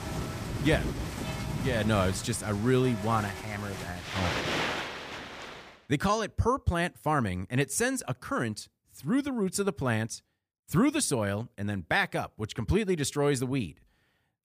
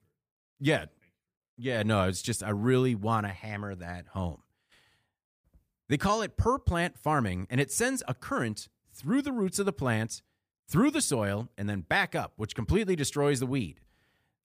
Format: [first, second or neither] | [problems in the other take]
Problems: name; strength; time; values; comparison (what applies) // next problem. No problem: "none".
second | rain or running water; loud; until 5.5 s; 6 dB below the speech